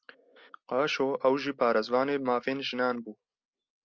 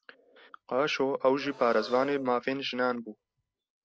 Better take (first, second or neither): first